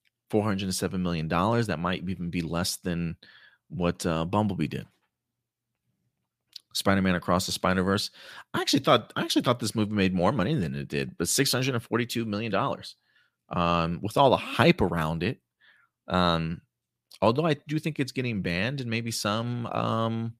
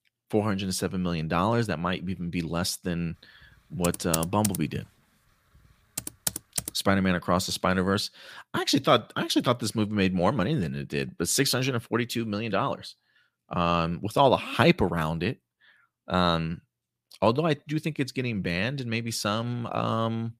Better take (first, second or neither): first